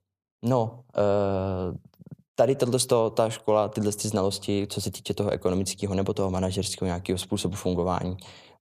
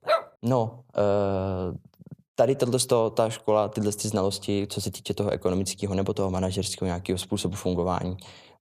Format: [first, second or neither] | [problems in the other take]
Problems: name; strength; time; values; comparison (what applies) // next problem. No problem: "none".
first | dog barking; loud; at the start; peak level with the speech